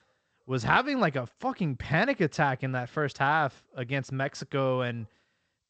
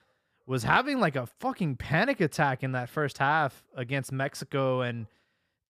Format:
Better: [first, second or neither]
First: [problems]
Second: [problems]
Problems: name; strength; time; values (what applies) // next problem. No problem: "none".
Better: second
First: garbled, watery; slightly; nothing above 8 kHz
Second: none